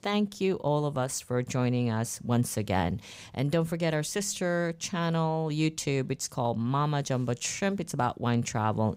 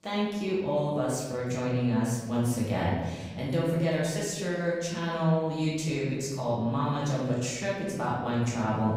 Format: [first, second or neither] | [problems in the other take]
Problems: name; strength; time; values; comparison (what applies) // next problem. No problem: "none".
first | room echo; noticeable; dies away in 1.2 s // off-mic speech; far